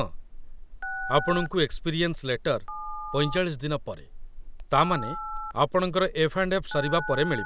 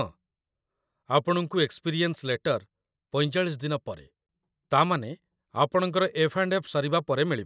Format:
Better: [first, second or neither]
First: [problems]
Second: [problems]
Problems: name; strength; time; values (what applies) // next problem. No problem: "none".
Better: second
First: background sound (Telephone); 8 dB below the speech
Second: none